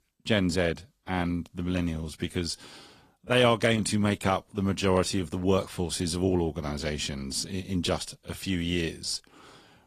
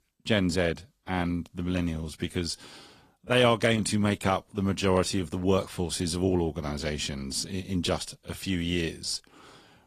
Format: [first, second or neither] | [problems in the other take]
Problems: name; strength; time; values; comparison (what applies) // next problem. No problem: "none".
neither | garbled, watery; slightly; nothing above 15 kHz; the same in both